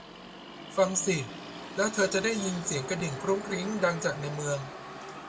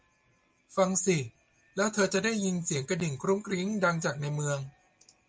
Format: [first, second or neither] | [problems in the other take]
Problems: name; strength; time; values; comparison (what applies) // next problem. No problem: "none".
second | background sound (Motor vehicle (road)); 10 dB below the speech // room echo; dies away in 0.5 s